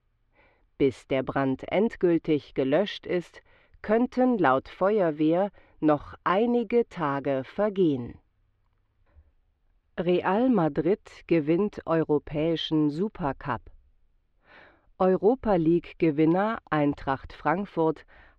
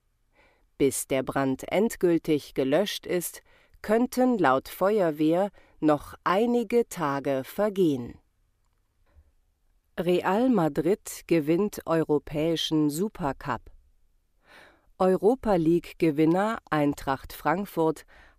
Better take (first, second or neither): second